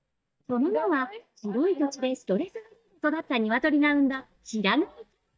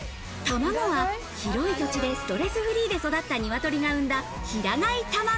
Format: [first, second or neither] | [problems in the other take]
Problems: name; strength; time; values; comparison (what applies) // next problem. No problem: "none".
second | noise reduction (neural mask model DeepFilterNet 3)